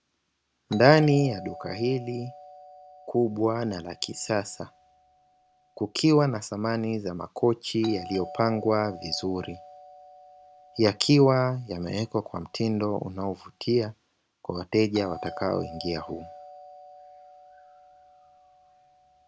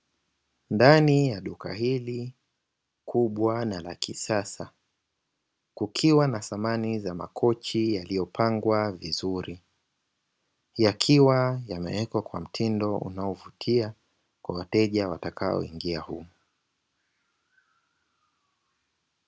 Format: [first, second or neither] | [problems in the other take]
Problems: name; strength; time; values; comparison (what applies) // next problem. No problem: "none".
second | background sound (Doorbell); 19 dB below the speech